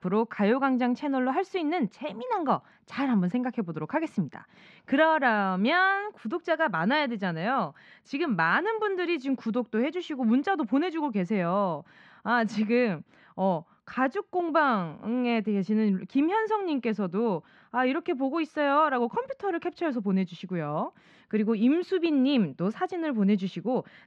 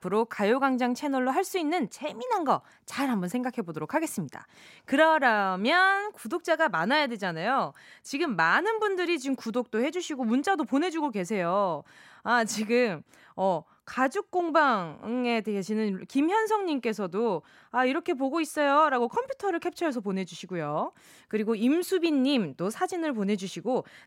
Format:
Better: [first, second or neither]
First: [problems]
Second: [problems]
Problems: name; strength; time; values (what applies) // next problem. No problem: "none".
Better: second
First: muffled; very slightly; fading above 4 kHz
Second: none